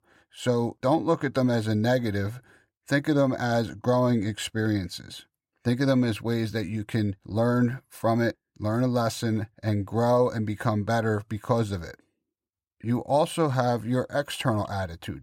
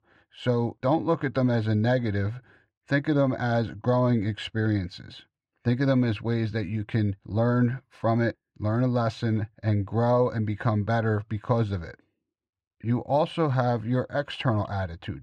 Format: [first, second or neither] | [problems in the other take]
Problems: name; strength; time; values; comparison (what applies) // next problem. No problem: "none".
first | muffled; very slightly; fading above 3 kHz